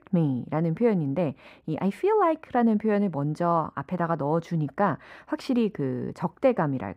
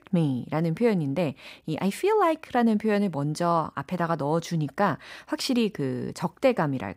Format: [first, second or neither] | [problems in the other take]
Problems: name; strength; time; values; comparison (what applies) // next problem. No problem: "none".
second | muffled; slightly; fading above 2.5 kHz